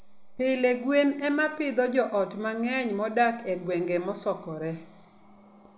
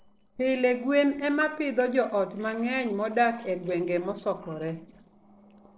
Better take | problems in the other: first | noise reduction (neural separator model SepFormer DNS4)

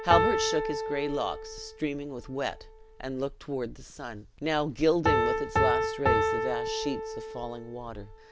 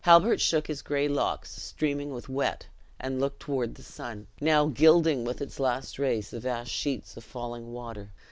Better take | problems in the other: second | background sound (Piano); as loud as the speech

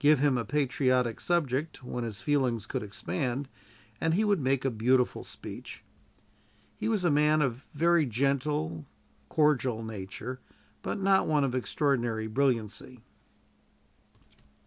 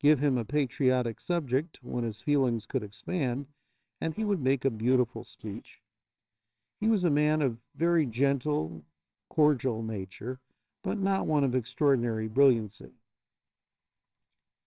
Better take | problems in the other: first | noise reduction (neural separator model SepFormer WHAMR!)

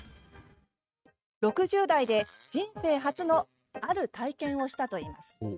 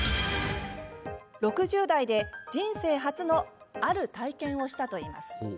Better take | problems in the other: second | noise reduction (neural mask model RNNoise)

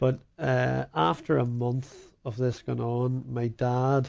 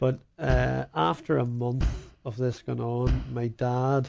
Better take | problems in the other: first | background sound (Bass drum); 5 dB below the speech

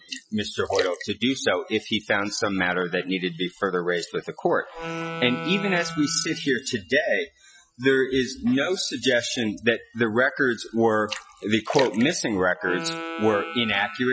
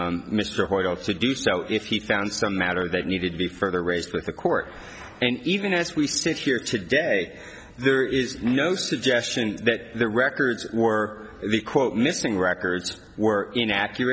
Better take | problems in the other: second | noise reduction (classical method Wiener filter)

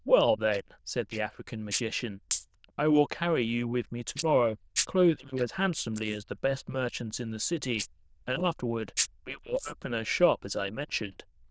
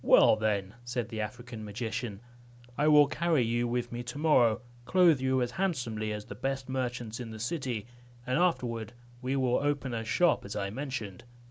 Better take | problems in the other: second | noise reduction (neural diffusion model UNIVERSE++)

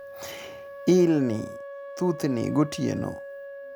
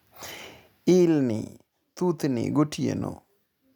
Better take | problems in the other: second | background sound (Wind instrument, woodwind instrument); 13 dB below the speech

